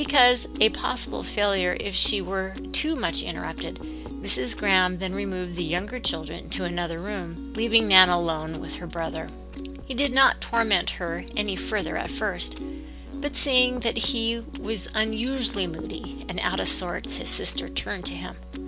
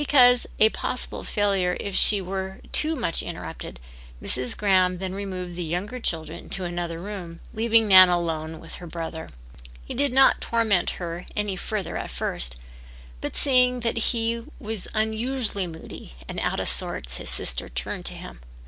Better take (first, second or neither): second